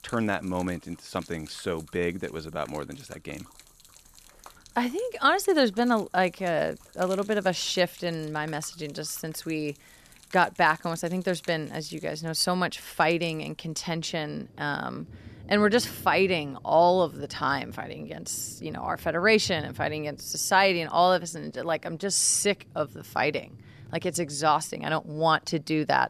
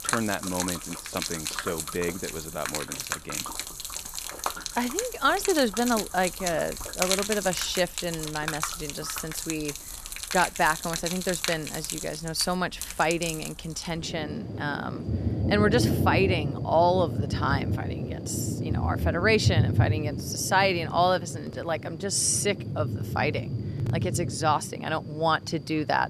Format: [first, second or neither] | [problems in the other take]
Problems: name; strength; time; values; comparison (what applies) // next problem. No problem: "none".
first | rain or running water; loud; throughout; 3 dB below the speech; faint in the first